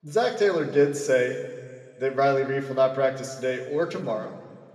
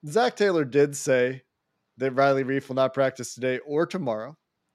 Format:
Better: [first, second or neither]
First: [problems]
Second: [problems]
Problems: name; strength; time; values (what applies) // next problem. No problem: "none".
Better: second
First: room echo; slight; dies away in 1.7 s // off-mic speech; somewhat distant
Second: none